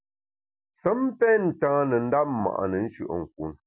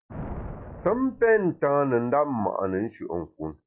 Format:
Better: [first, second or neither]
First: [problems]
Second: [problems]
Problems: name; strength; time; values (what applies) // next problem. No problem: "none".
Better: first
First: none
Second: noise reduction (classical method log-MMSE)